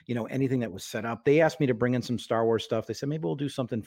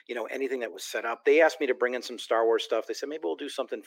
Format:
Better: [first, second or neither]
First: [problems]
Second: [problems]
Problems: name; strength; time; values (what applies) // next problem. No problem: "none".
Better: first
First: none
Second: thin; very; fading below 350 Hz